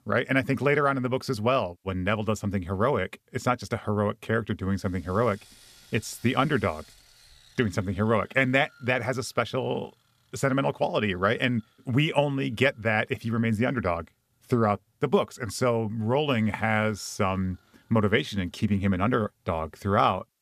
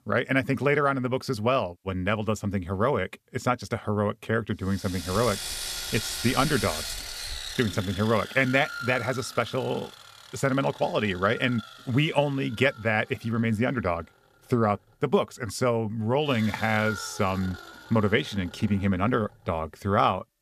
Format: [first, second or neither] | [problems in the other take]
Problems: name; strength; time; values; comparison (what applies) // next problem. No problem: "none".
first | machinery noise; loud; from 5 s on; 9 dB below the speech; faint in the first